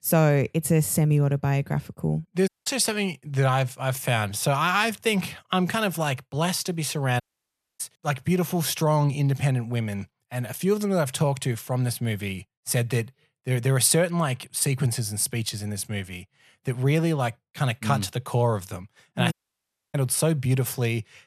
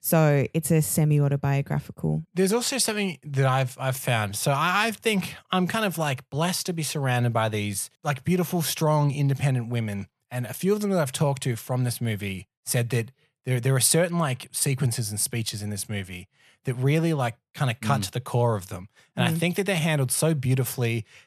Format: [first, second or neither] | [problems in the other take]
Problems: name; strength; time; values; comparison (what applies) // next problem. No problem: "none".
second | audio cutting out; at 2.5 s, at 7 s for 0.5 s and at 19 s for 0.5 s